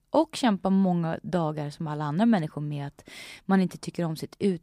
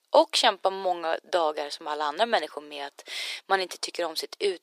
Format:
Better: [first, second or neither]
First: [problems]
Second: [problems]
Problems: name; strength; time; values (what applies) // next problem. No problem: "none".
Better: first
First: none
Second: thin; very; fading below 400 Hz